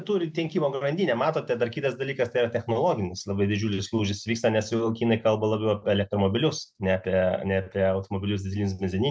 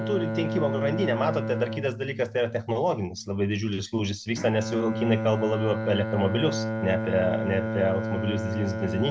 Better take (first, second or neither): first